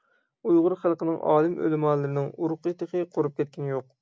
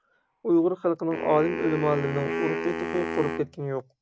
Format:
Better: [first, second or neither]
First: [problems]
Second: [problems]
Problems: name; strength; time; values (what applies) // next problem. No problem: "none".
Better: first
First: none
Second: background sound (Wind instrument, woodwind instrument); 7 dB below the speech